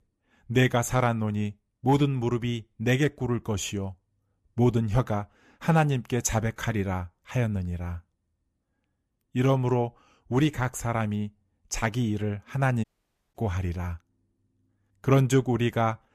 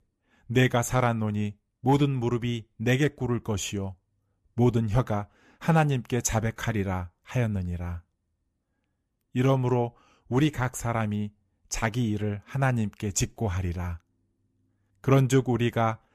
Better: second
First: audio cutting out; at 13 s for 0.5 s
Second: none

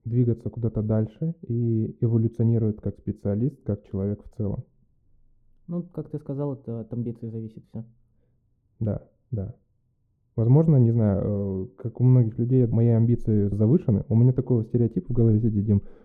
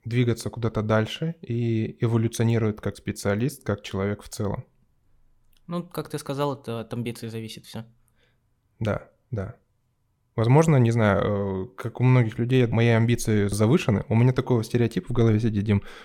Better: second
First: muffled; very; fading above 1 kHz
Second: none

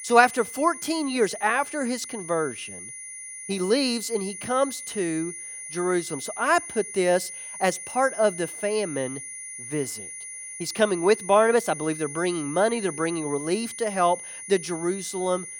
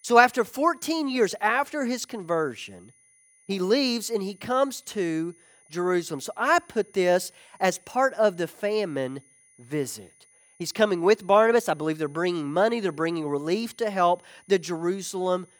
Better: second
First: high-pitched whine; loud; throughout; 9.5 kHz, 10 dB below the speech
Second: high-pitched whine; faint; throughout; 9.5 kHz, 30 dB below the speech

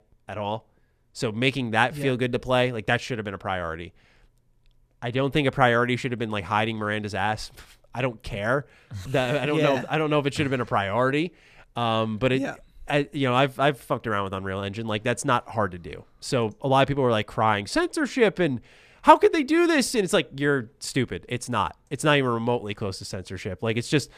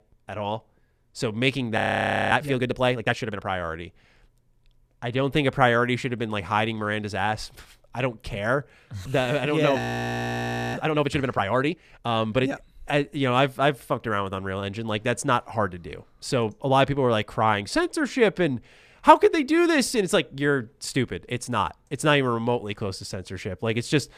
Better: first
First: none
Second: audio freezing; at 2 s for 0.5 s and at 10 s for 1 s

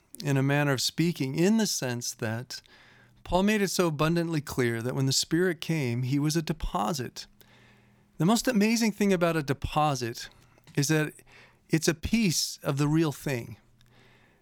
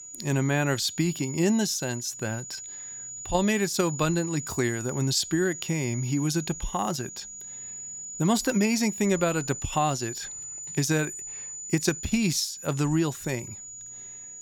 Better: first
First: none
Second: high-pitched whine; loud; throughout; 7 kHz, 9 dB below the speech

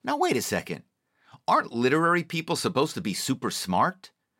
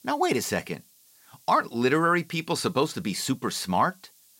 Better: first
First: none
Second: hiss; faint; throughout; 30 dB below the speech

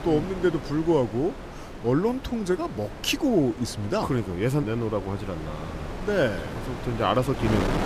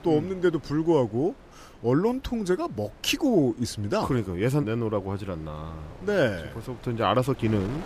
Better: second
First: wind noise on the microphone; heavy; 10 dB below the speech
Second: wind noise on the microphone; occasional gusts; 20 dB below the speech

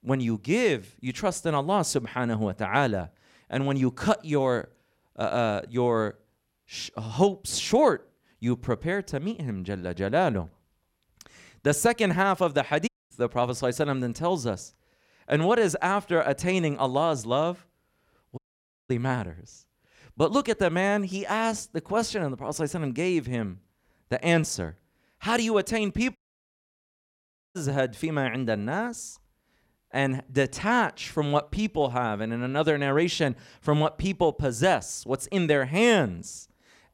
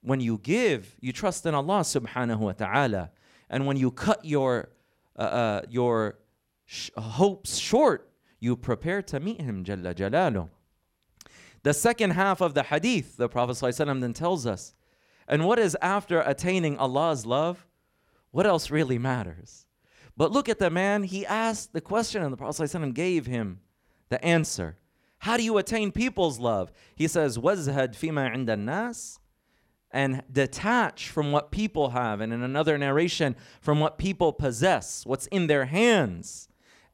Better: second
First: audio cutting out; at 13 s, at 18 s for 0.5 s and at 26 s for 1.5 s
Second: none

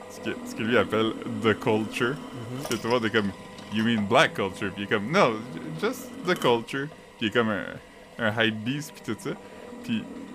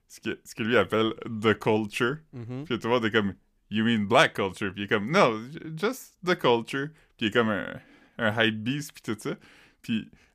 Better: second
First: machinery noise; noticeable; throughout; 15 dB below the speech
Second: none

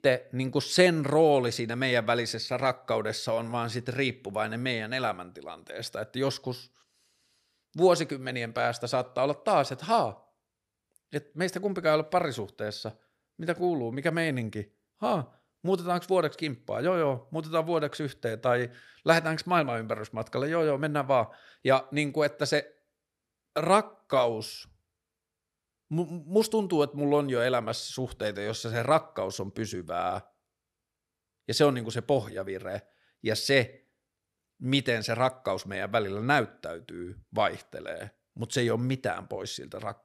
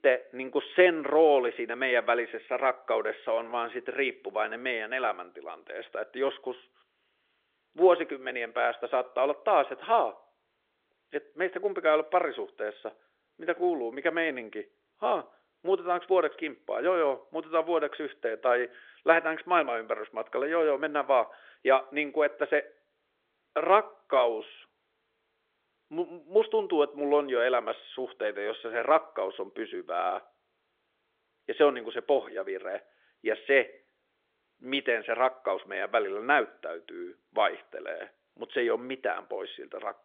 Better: first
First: none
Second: phone-call audio; nothing above 3.5 kHz

